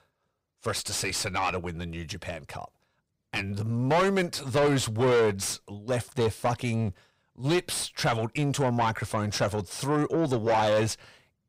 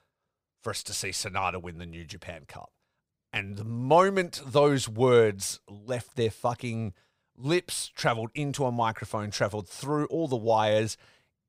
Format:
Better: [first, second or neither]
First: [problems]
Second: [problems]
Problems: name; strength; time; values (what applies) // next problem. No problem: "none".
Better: second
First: distortion; heavy; 6 dB below the speech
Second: none